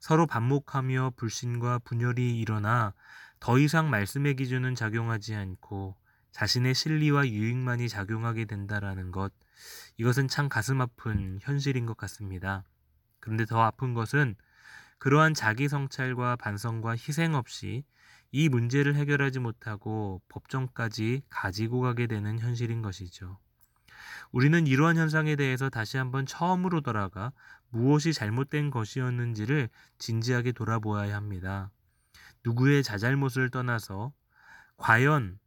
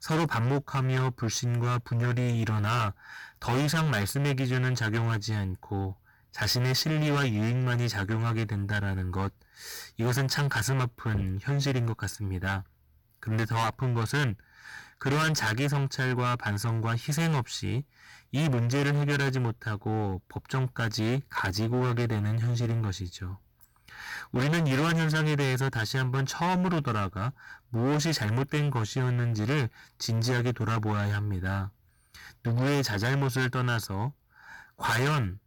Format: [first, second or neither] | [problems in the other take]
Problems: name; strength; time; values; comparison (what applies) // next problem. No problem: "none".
first | distortion; heavy; 24% of the sound clipped